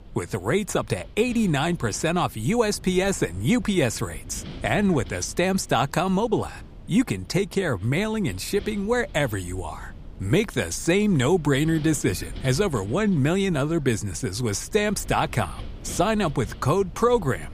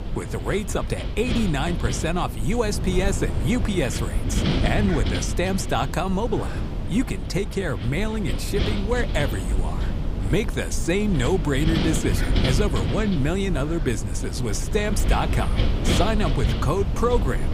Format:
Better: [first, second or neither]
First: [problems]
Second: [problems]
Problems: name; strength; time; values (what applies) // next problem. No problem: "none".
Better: first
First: wind noise on the microphone; occasional gusts; 25 dB below the speech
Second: wind noise on the microphone; heavy; 6 dB below the speech